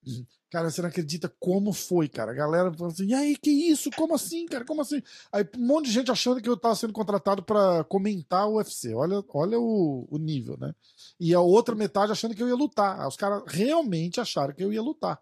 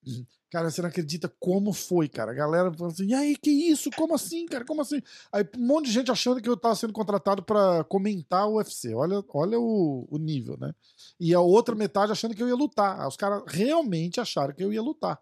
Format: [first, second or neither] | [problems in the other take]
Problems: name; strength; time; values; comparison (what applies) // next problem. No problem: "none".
second | garbled, watery; slightly; nothing above 13.5 kHz